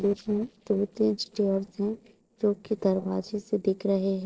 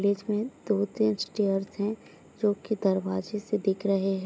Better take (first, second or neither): second